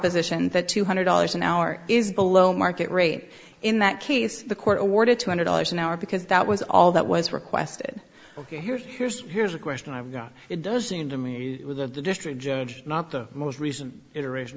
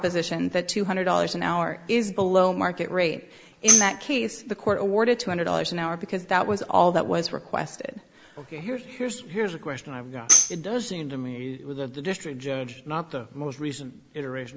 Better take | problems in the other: first | background sound (Tambourine); 2 dB above the speech

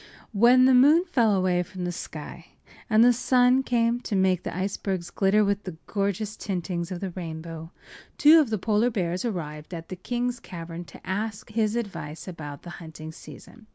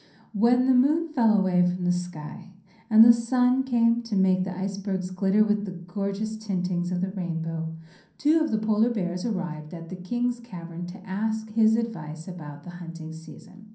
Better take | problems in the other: first | room echo; dies away in 0.6 s

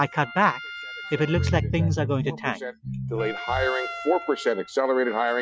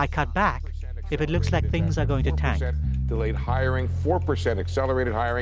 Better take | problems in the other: second | noise reduction (classical method Wiener filter)

